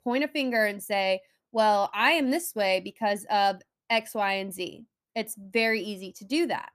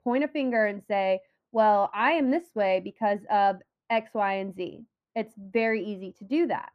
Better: first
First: none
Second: muffled; very; fading above 4 kHz

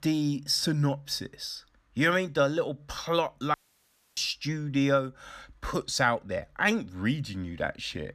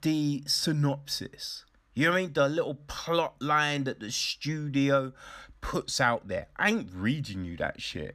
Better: second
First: audio cutting out; at 3.5 s for 0.5 s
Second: none

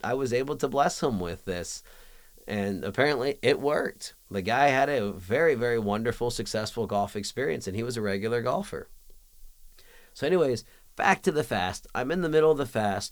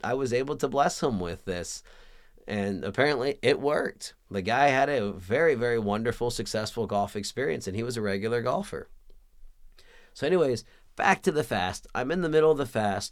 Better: second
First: hiss; faint; throughout; 30 dB below the speech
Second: none

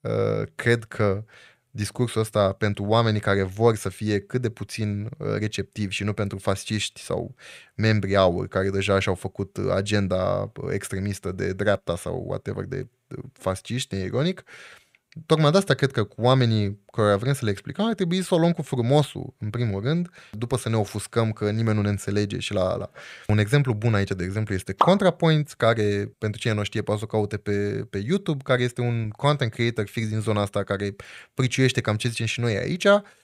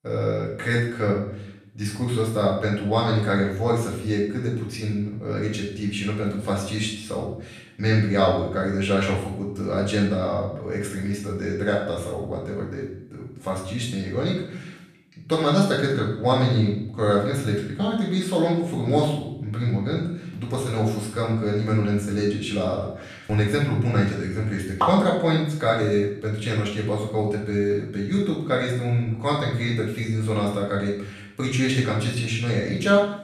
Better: first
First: none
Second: room echo; noticeable; dies away in 0.6 s // off-mic speech; far

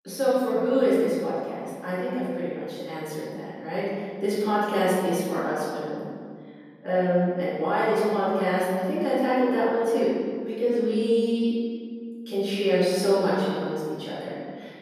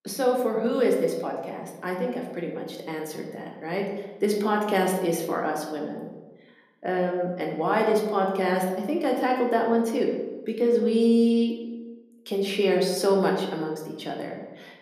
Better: second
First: room echo; strong; dies away in 1.8 s // off-mic speech; far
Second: room echo; slight; dies away in 0.9 s // off-mic speech; somewhat distant

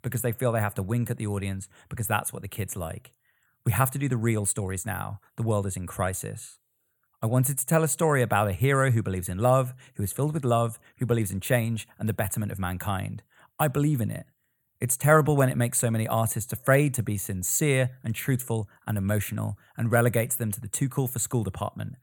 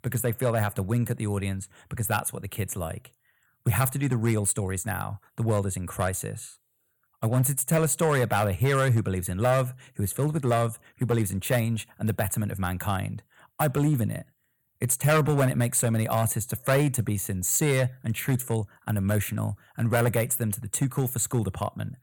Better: first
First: none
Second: distortion; slight; 3% of the sound clipped

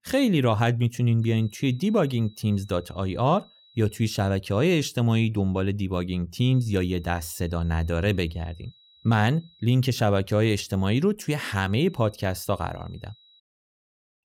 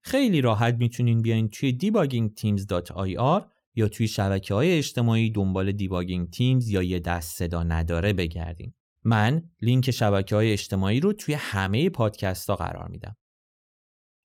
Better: second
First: high-pitched whine; faint; from 1 to 4.5 s, from 6.5 to 9.5 s and from 11 to 13 s; 4 kHz, 30 dB below the speech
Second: none

